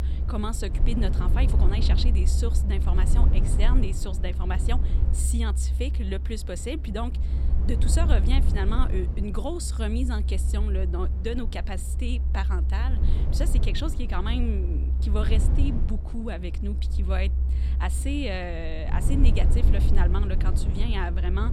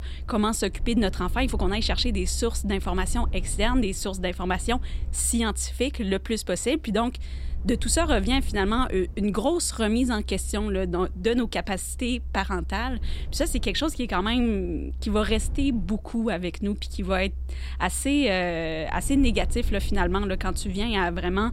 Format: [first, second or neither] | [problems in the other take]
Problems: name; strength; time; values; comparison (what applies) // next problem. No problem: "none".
second | low rumble; loud; throughout; 7 dB below the speech; faint in the second